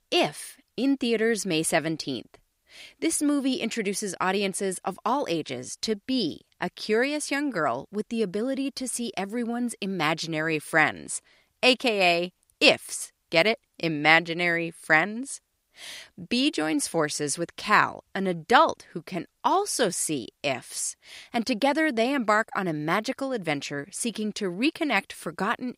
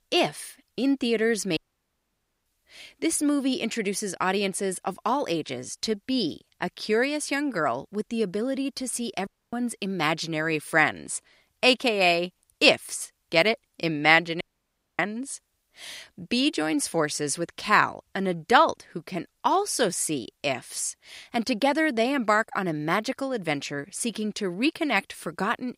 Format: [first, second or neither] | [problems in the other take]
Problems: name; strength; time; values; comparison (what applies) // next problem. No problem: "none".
first | audio cutting out; at 1.5 s for 1 s, at 9.5 s and at 14 s for 0.5 s